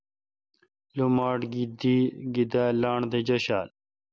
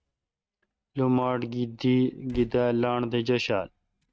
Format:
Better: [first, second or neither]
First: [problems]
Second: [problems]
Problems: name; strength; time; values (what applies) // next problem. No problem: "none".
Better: first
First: none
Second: noise reduction (neural mask model RNNoise)